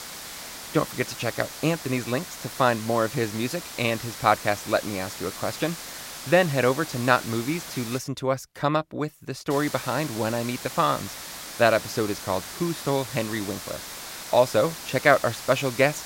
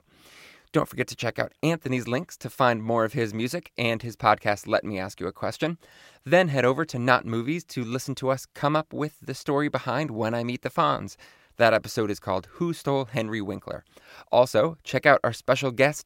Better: second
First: hiss; noticeable; until 8 s and from 9.5 s on; 10 dB below the speech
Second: none

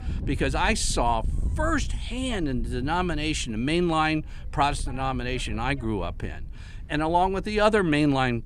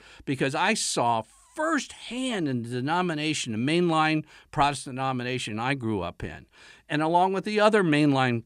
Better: second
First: wind noise on the microphone; occasional gusts; 25 dB below the speech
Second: none

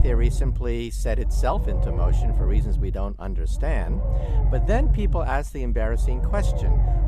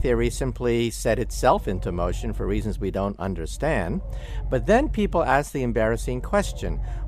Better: second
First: low rumble; loud; throughout; 8 dB below the speech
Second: low rumble; faint; throughout; 25 dB below the speech

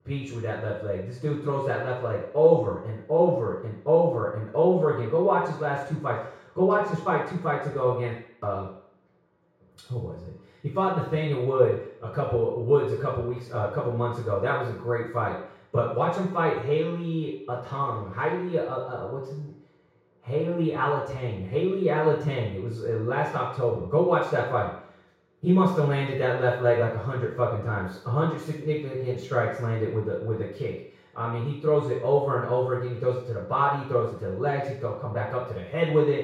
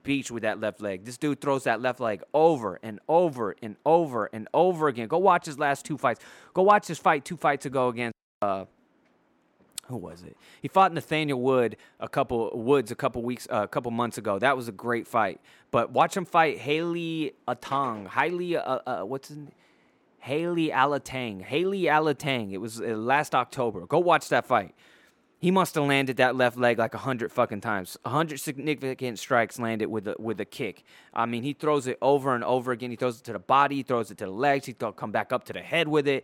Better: second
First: room echo; noticeable; dies away in 0.6 s // off-mic speech; far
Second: none

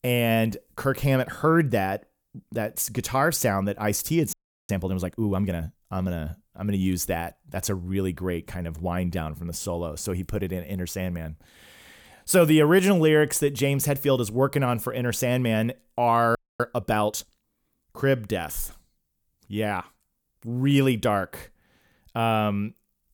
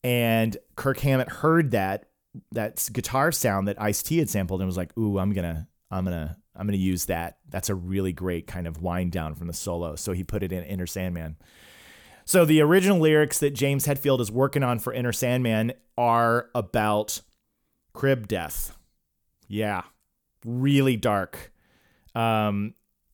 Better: second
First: audio freezing; at 4.5 s and at 16 s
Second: none

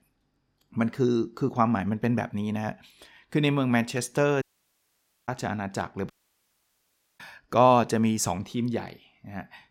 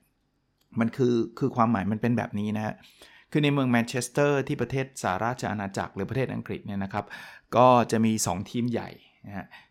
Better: second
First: audio cutting out; at 4.5 s for 1 s and at 6 s for 1 s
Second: none

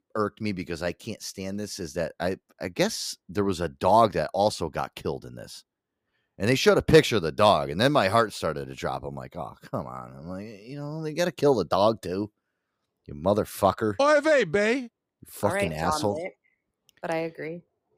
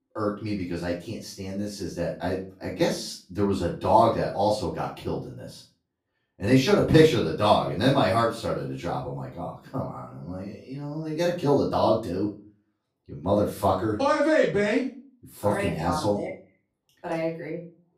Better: first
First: none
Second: off-mic speech; far // room echo; slight; dies away in 0.3 s

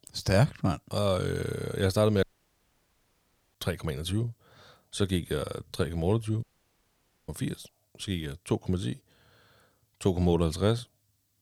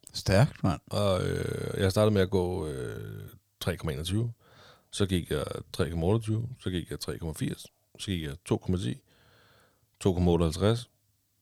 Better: second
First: audio cutting out; at 2 s for 1.5 s and at 6.5 s for 1 s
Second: none

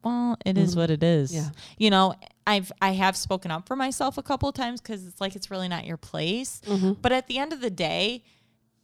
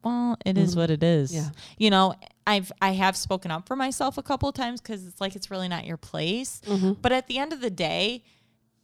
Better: neither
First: none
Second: none

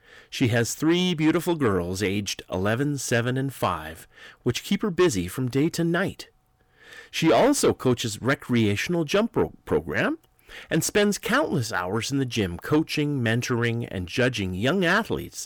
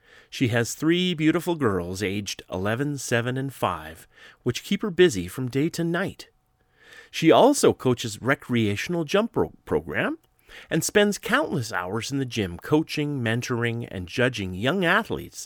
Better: second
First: distortion; slight; 10 dB below the speech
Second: none

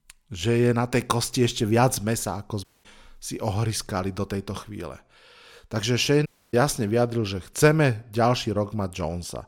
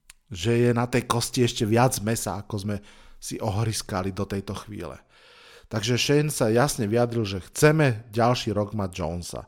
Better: second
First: audio cutting out; at 2.5 s and at 6.5 s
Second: none

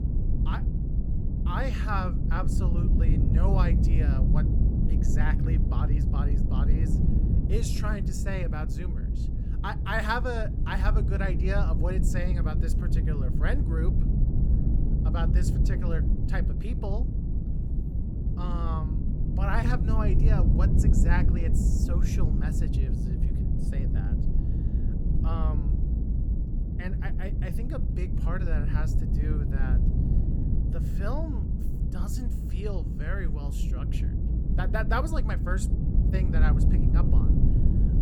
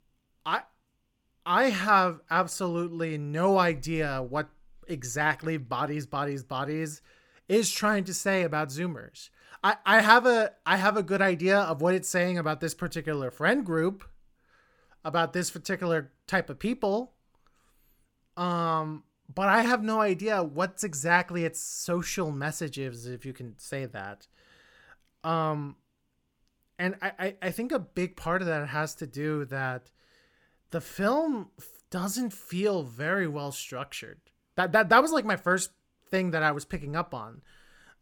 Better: second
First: low rumble; loud; throughout; 4 dB below the speech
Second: none

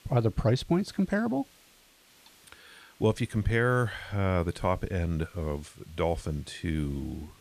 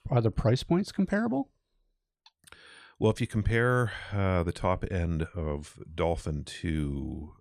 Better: second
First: hiss; faint; throughout; 30 dB below the speech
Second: none

